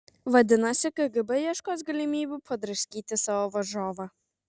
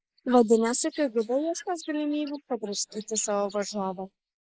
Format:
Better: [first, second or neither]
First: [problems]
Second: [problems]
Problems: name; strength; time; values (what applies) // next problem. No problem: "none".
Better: first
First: none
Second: noise reduction (neural mask model Resemble Enhance denoiser)